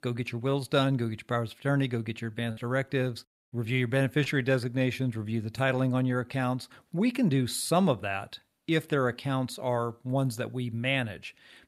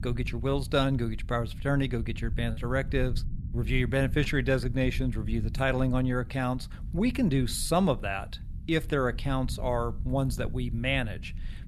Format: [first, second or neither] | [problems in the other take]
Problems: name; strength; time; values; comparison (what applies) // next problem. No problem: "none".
first | low rumble; faint; throughout; 20 dB below the speech